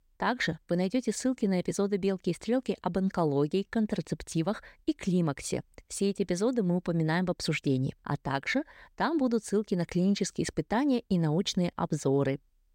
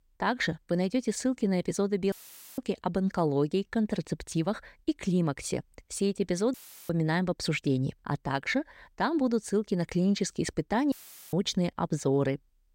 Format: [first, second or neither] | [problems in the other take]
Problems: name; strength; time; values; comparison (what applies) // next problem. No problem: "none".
first | audio cutting out; filled with static; at 2 s, at 6.5 s and at 11 s